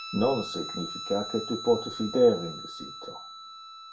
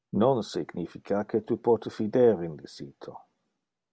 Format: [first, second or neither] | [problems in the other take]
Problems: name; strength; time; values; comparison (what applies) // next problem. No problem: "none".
second | background sound (Guitar); 11 dB below the speech // room echo; dies away in 0.3 s